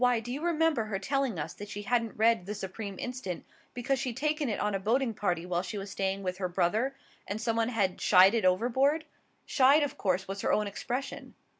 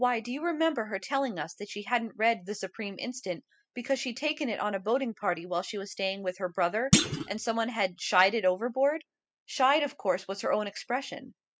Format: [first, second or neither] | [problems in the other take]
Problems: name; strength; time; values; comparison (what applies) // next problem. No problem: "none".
first | noise reduction (classical method spectral subtraction)